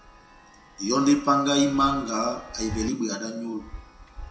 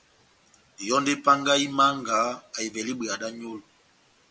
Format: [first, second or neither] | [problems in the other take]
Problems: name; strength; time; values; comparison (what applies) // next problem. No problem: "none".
second | background sound (Chime); 16 dB below the speech // room echo; dies away in 0.6 s